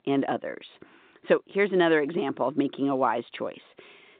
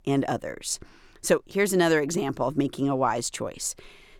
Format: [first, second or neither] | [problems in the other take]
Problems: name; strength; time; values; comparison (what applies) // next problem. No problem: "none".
second | phone-call audio; nothing above 3.5 kHz